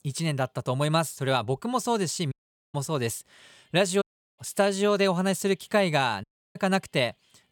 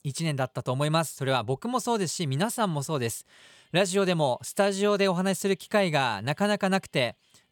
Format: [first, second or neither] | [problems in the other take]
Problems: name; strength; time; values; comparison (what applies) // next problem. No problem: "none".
second | audio cutting out; at 2.5 s, at 4 s and at 6 s